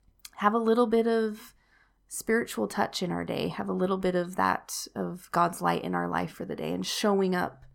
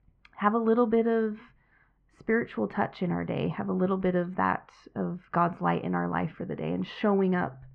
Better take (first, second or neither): first